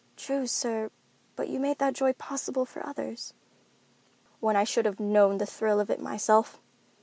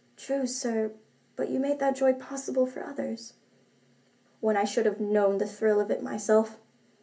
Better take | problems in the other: first | room echo; dies away in 0.3 s

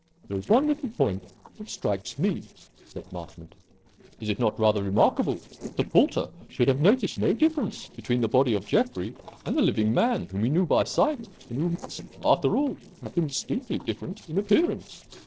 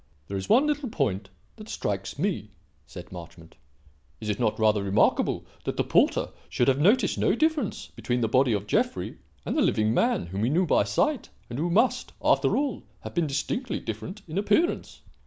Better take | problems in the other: second | noise reduction (neural separator model SepFormer DNS4)

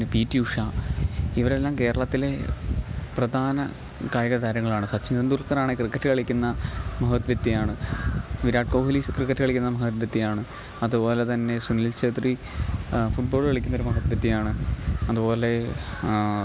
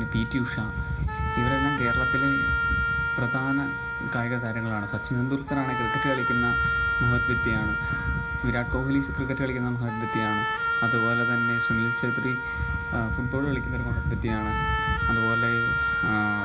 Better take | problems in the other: first | background sound (Wind instrument, woodwind instrument); as loud as the speech // room echo; dies away in 0.4 s

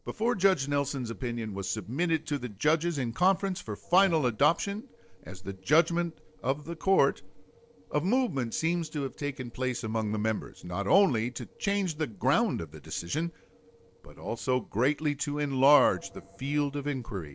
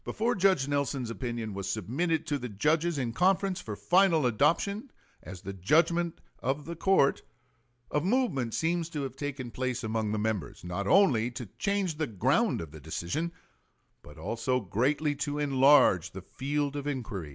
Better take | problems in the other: second | noise reduction (neural separator model SepFormer DNS4)

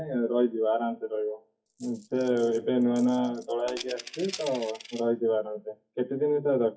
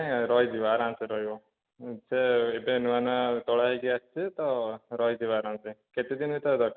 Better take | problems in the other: second | noise reduction (classical method WPE with log-MMSE)

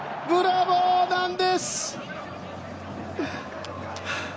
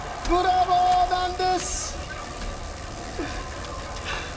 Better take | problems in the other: first | background sound (Bicycle); 9 dB below the speech // room echo; dies away in 2.2 s

